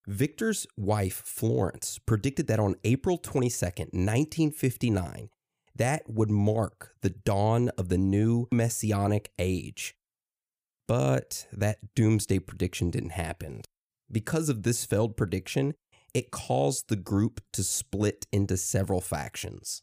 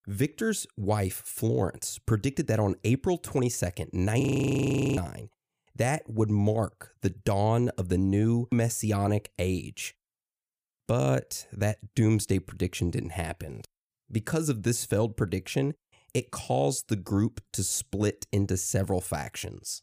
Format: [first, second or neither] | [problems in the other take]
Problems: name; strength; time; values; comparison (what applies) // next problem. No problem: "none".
first | audio freezing; at 4 s for 1 s